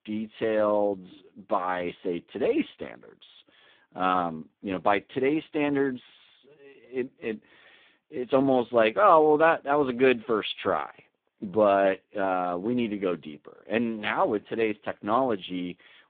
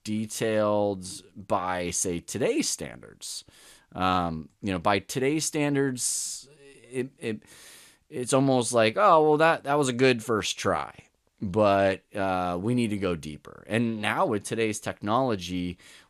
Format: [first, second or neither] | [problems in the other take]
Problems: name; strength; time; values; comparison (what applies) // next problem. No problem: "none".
second | phone-call audio; poor line